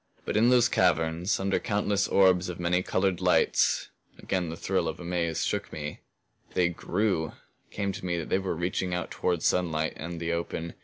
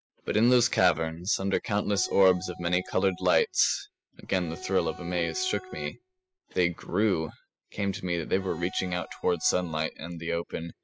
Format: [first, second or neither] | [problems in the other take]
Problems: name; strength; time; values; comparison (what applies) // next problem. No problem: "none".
first | noise reduction (classical method spectral subtraction)